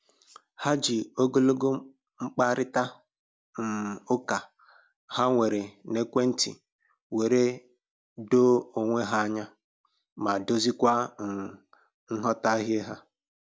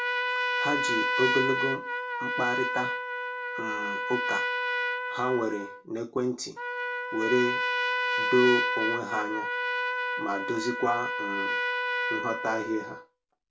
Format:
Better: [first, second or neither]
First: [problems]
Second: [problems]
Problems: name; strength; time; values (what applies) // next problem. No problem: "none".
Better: first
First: none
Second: background sound (Trumpet); 2 dB above the speech // room echo; dies away in 0.2 s